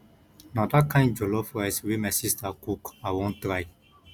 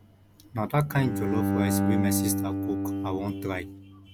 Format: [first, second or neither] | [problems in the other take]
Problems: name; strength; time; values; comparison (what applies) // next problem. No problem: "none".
first | background sound (Bowed string instrument); 2 dB above the speech